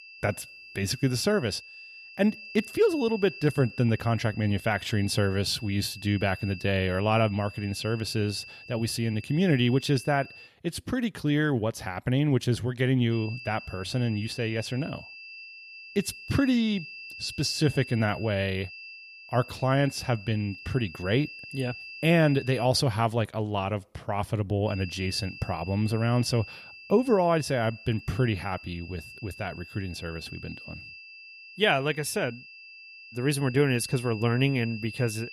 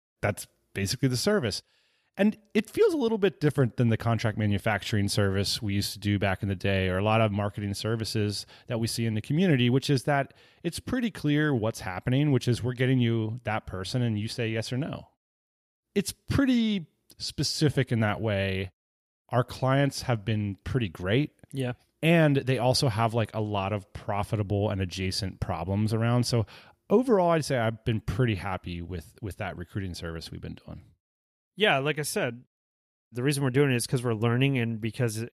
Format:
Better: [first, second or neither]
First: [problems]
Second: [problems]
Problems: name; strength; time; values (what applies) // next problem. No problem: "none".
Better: second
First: high-pitched whine; noticeable; until 10 s, from 13 to 23 s and from 25 s on; 2.5 kHz, 15 dB below the speech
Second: none